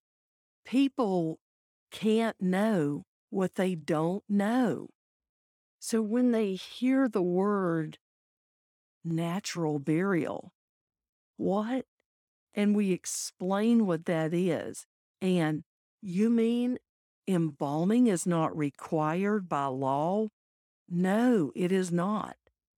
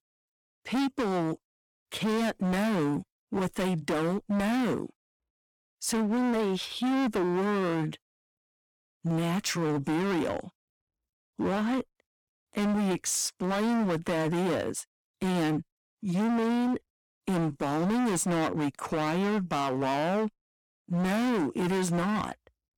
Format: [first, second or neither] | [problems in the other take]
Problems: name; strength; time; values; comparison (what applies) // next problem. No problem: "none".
first | distortion; heavy; 27% of the sound clipped